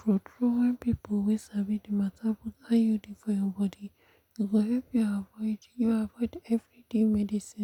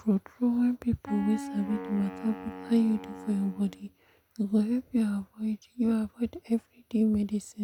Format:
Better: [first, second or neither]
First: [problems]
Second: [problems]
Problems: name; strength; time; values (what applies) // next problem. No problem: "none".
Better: first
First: none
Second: background sound (Wind instrument, woodwind instrument); 12 dB below the speech